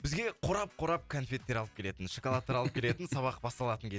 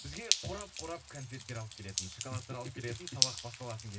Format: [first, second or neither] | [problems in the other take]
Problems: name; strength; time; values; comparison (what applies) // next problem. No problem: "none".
first | background sound (Drip); 4 dB above the speech // room echo; dies away in 0.4 s